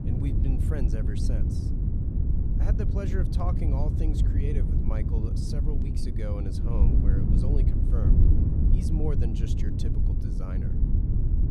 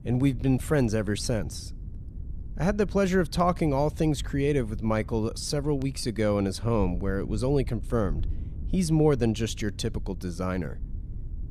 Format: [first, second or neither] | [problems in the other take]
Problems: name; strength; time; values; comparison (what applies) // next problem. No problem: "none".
second | wind noise on the microphone; heavy; 1 dB above the speech; occasional gusts in the second